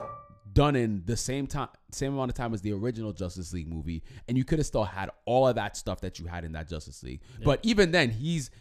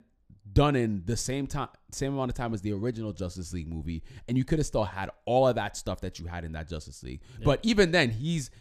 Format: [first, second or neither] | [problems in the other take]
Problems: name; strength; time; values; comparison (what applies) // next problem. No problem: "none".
second | clattering dishes; faint; at the start; peak 15 dB below the speech